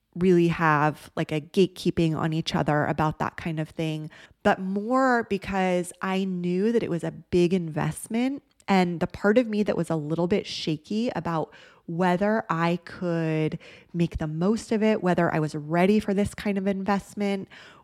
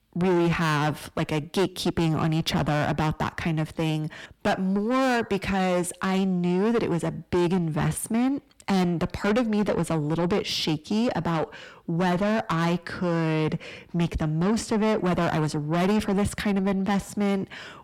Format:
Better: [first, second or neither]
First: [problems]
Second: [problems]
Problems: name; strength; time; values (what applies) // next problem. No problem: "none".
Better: first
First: none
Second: distortion; heavy; 6 dB below the speech